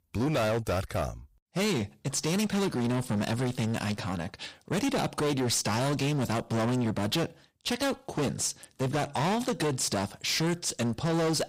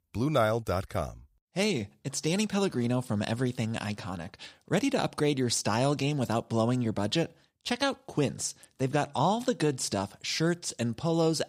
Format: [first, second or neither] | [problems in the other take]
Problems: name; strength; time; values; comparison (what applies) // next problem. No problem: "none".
second | distortion; heavy; 23% of the sound clipped